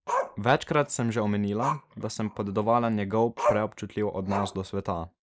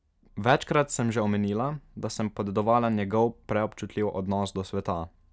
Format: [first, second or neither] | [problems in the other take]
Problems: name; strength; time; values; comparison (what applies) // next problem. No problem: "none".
second | noise reduction (neural mask model Resemble Enhance denoiser)